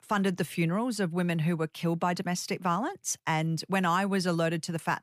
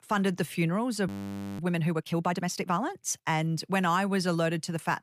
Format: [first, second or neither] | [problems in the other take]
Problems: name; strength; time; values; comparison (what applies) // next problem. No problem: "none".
first | audio freezing; at 1 s for 0.5 s